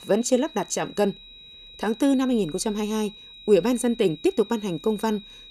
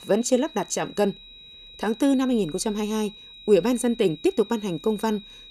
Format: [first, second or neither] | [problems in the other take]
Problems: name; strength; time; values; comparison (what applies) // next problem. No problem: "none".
neither | high-pitched whine; noticeable; throughout; 4 kHz, 20 dB below the speech; the same in both